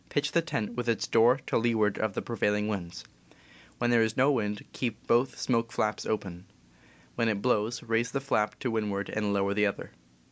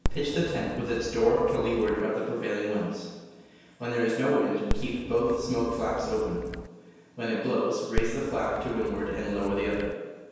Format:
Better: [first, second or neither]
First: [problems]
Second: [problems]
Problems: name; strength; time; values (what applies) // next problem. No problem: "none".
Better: first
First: none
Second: background sound (Dog); 5 dB below the speech // room echo; dies away in 1.2 s